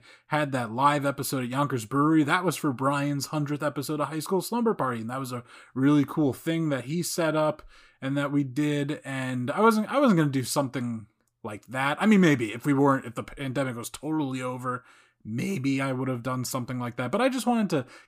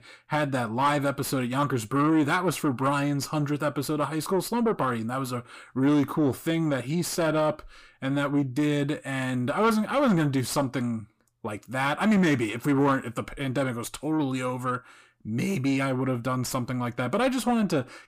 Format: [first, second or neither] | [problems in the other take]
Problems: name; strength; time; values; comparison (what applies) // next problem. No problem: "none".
first | distortion; slight; 10 dB below the speech